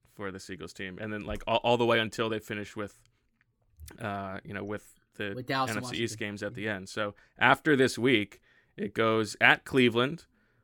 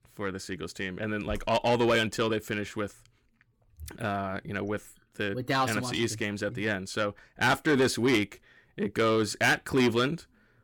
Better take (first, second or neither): first